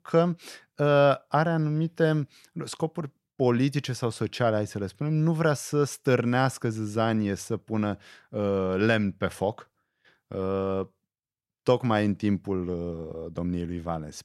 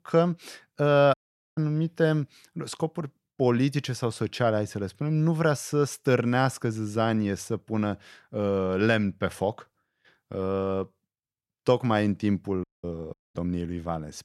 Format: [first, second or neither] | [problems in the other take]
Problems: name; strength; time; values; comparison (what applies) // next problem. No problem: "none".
first | audio cutting out; at 1 s and at 13 s